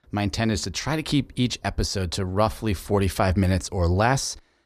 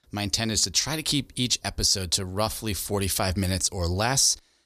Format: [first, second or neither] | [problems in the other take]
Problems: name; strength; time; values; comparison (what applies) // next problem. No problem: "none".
second | muffled; slightly; fading above 3 kHz